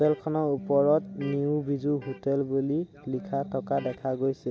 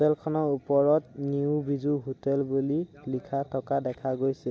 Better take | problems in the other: second | background sound (Electric guitar); 17 dB below the speech

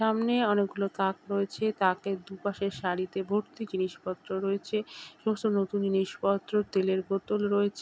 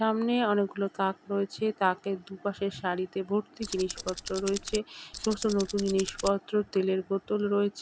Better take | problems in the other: first | background sound (Tools); 10 dB below the speech

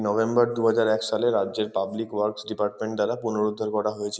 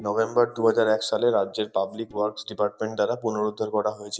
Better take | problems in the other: first | noise reduction (neural mask model DeepFilterNet 3)

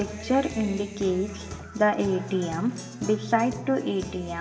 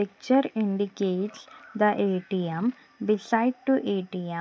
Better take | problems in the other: second | background sound (Guitar); 12 dB below the speech // room echo; dies away in 0.9 s

